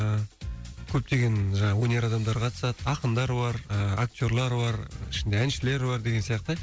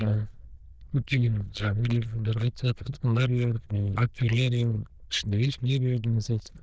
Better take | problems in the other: first | noise reduction (neural diffusion model UNIVERSE++)

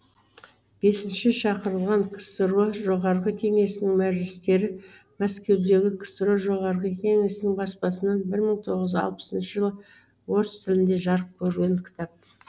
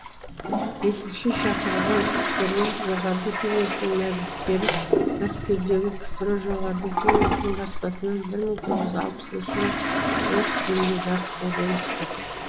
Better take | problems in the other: first | background sound (Toilet flush); as loud as the speech

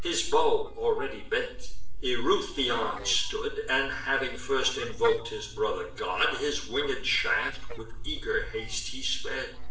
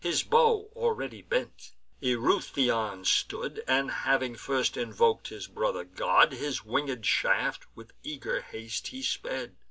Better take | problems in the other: second | noise reduction (neural separator model SepFormer DNS4)

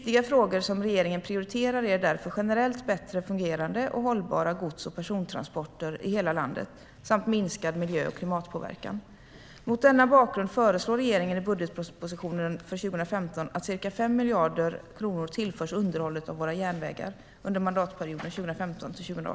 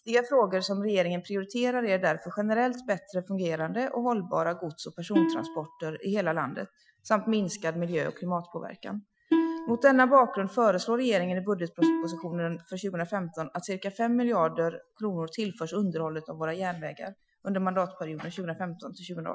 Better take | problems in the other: first | noise reduction (classical method Wiener filter)

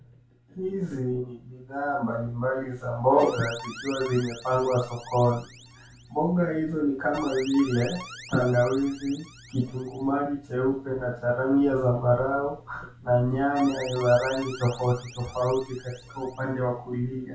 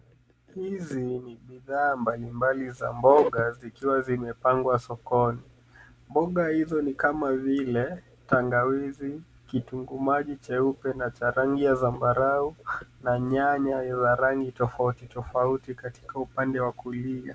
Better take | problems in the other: second | background sound (Alarm); 17 dB below the speech // room echo; dies away in 0.3 s

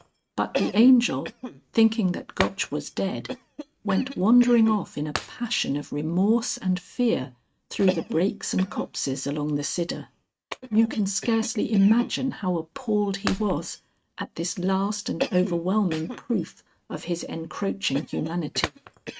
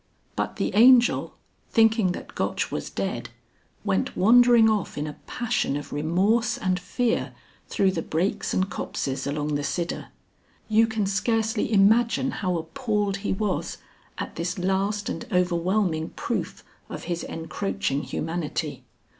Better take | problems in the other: second | noise reduction (neural mask model RNNoise)

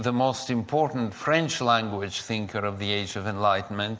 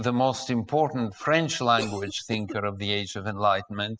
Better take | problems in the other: first | noise reduction (classical method spectral subtraction)

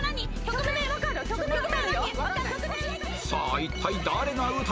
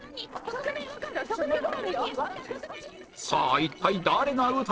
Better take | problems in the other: first | noise reduction (neural separator model SepFormer DNS4)

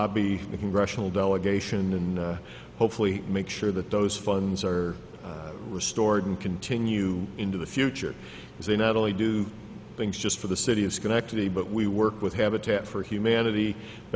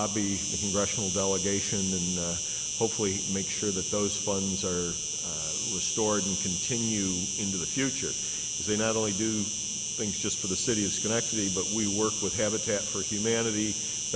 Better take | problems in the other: first | background sound (Insect); as loud as the speech

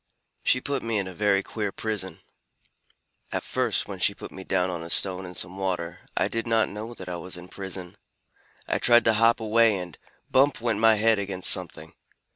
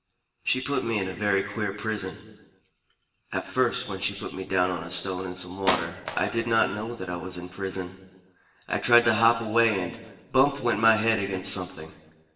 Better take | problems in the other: first | background sound (Wood); 7 dB below the speech // room echo; dies away in 1.2 s

